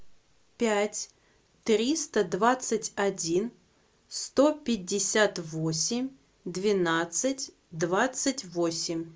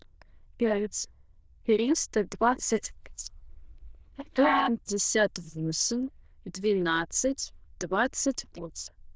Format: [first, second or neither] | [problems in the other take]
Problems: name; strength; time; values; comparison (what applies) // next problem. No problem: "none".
first | noise reduction (neural diffusion model UNIVERSE++)